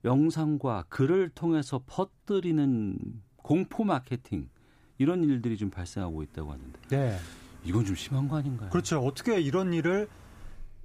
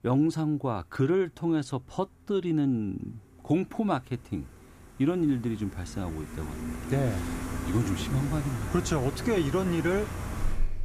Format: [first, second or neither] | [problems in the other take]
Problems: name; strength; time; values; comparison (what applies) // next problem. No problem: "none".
first | animal sounds; loud; throughout; 7 dB below the speech; faint in the first